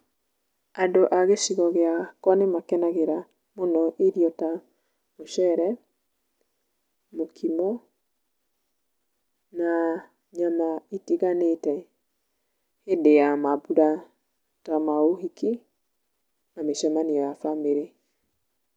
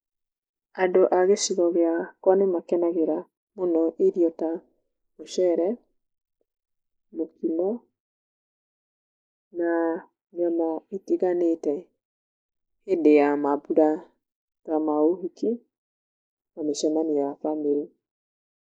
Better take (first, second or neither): first